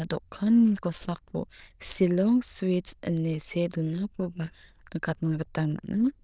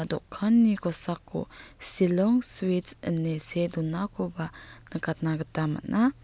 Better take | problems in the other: second | noise reduction (neural diffusion model UNIVERSE++)

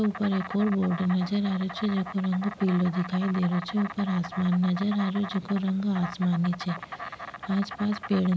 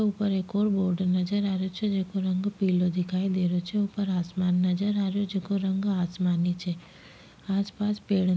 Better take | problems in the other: second | background sound (Insect); 12 dB below the speech

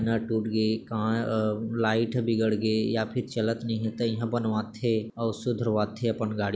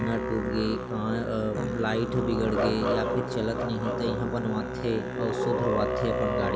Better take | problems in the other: first | background sound (Musical instrument); as loud as the speech

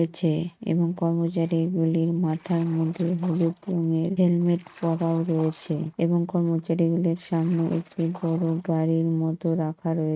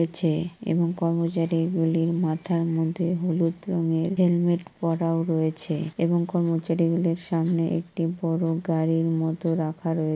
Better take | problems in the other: second | noise reduction (neural mask model RNNoise)

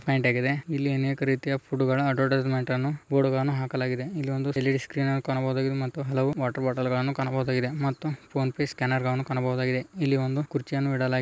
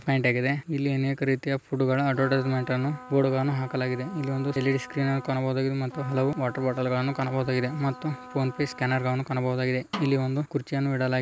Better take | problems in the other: first | background sound (Trumpet + Snare drum); 17 dB below the speech

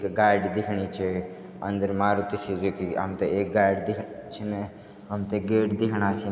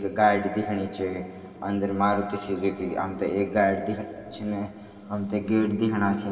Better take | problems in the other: first | room echo; dies away in 1.9 s

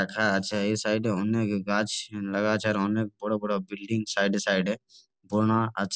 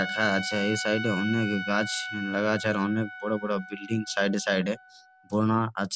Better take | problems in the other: first | background sound (Trumpet); 9 dB below the speech

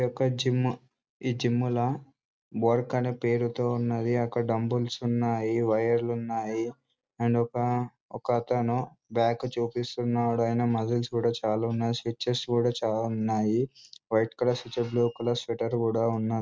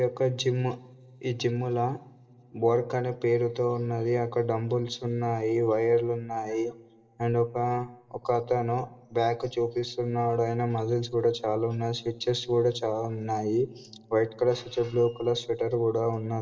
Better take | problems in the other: first | room echo; dies away in 2.2 s

